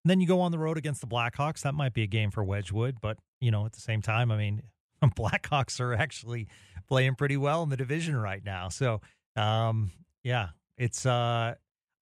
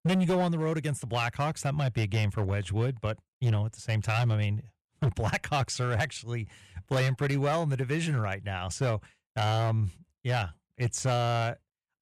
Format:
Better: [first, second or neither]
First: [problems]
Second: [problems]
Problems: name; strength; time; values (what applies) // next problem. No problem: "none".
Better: first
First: none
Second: distortion; slight; 8% of the sound clipped